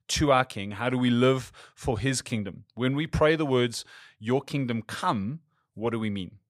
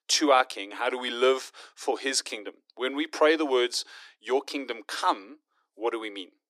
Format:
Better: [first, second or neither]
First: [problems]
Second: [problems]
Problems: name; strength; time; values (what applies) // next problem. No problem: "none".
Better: first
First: none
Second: thin; somewhat; fading below 300 Hz